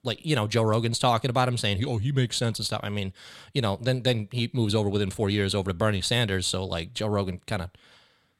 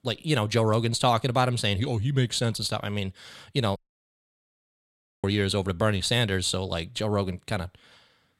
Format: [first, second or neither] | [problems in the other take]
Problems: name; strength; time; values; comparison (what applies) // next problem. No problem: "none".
first | audio cutting out; at 4 s for 1.5 s